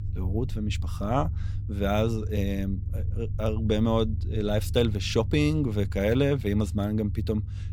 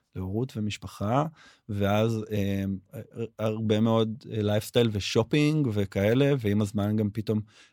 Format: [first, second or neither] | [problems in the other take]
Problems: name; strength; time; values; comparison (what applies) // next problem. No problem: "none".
second | low rumble; noticeable; throughout; 20 dB below the speech